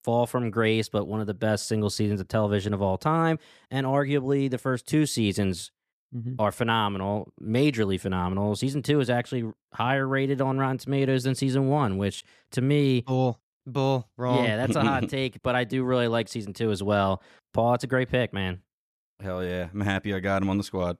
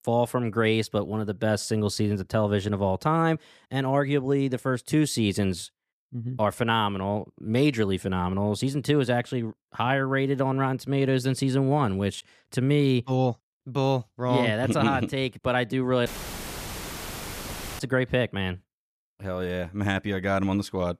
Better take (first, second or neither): first